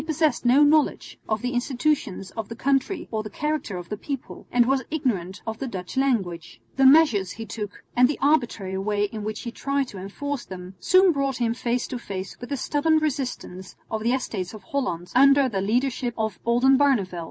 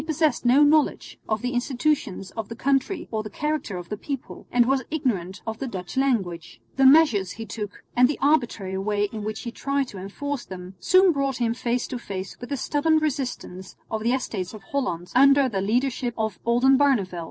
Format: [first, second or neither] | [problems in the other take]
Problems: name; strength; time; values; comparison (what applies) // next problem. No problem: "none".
first | noise reduction (neural separator model SepFormer DNS4)